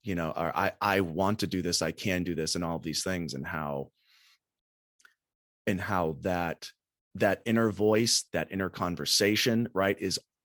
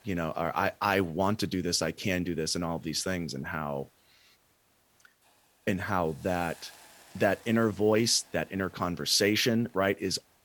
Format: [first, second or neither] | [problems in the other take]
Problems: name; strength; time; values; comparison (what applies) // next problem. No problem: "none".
first | hiss; faint; throughout; 30 dB below the speech